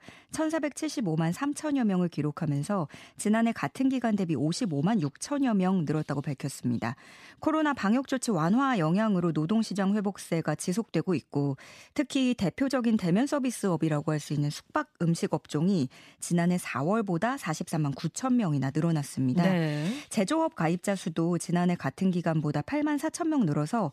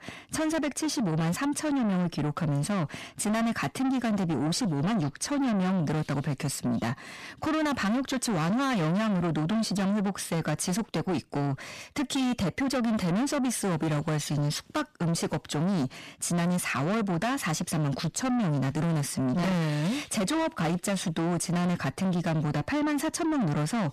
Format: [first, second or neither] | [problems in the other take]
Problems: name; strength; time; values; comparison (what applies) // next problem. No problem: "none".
first | distortion; heavy; 7 dB below the speech